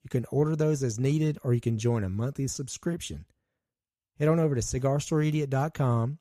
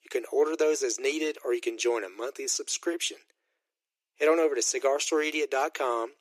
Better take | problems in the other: first | thin; very; fading below 350 Hz

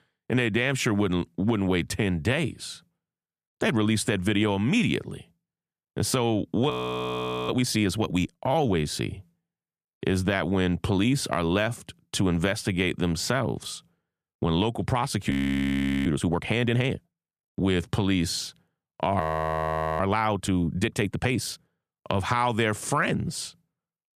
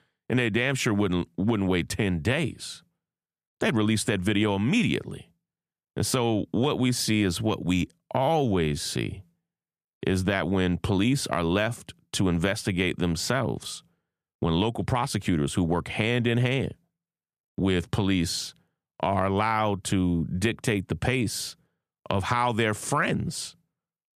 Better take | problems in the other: second | audio freezing; at 6.5 s for 1 s, at 15 s for 1 s and at 19 s for 1 s

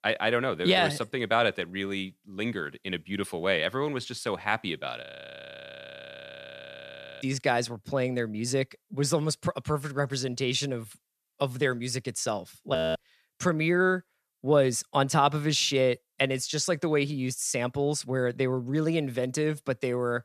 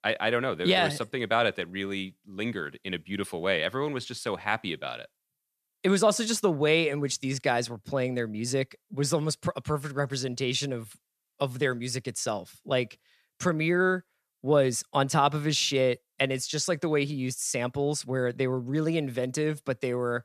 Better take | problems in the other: second | audio freezing; at 5 s for 2 s and at 13 s

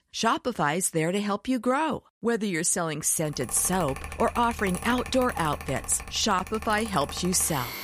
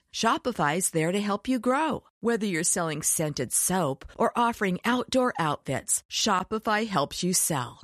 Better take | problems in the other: second | machinery noise; noticeable; from 3.5 s on; 10 dB below the speech

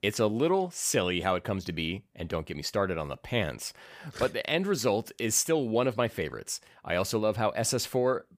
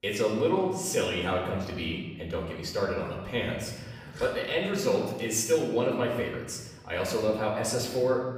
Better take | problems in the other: first | off-mic speech; far // room echo; noticeable; dies away in 1.2 s

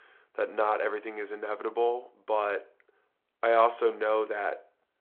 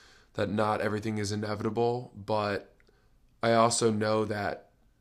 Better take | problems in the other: second | phone-call audio

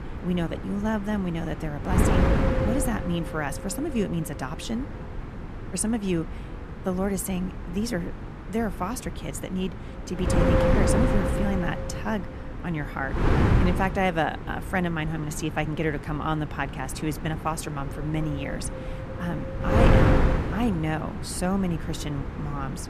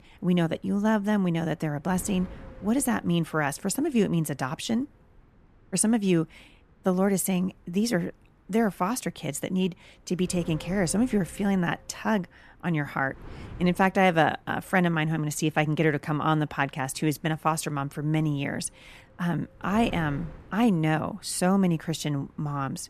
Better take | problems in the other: second | wind noise on the microphone; heavy; as loud as the speech; occasional gusts in the second

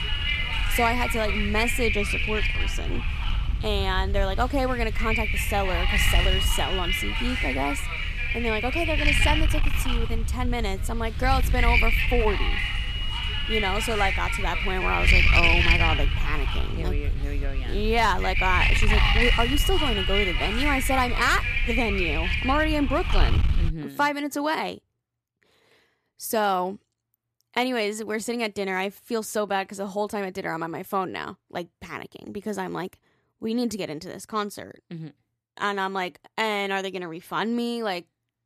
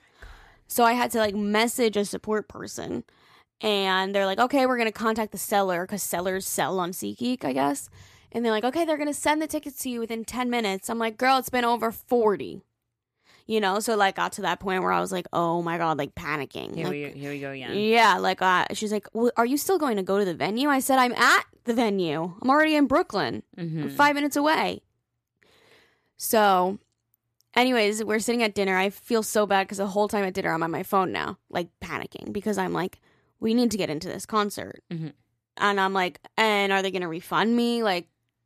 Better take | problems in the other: second | wind noise on the microphone; heavy; until 24 s; 2 dB above the speech

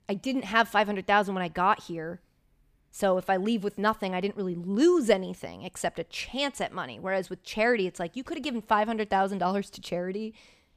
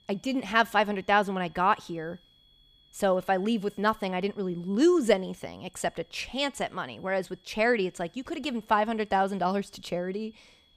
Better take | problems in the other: first | high-pitched whine; faint; throughout; 3.5 kHz, 30 dB below the speech

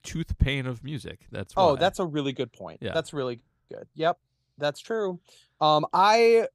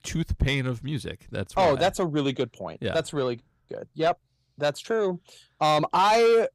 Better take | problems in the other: first | distortion; slight; 10 dB below the speech

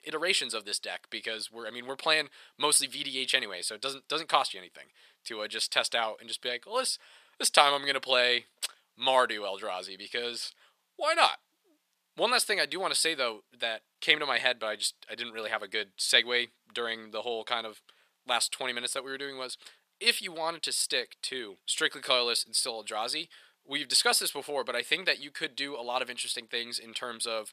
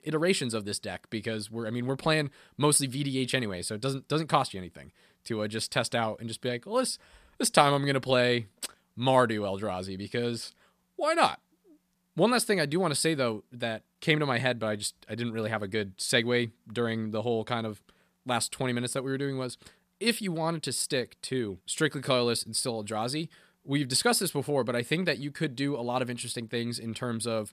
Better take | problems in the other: second | thin; very; fading below 600 Hz

